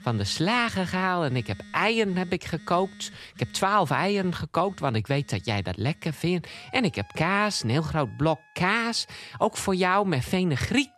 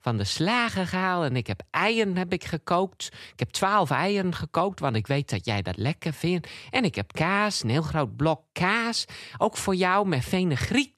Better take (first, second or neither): second